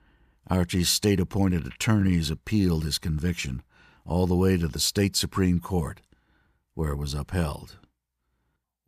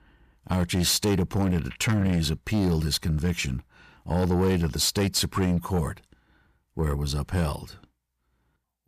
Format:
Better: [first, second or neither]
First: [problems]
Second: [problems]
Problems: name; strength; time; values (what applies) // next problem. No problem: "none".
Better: first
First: none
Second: distortion; slight; 10 dB below the speech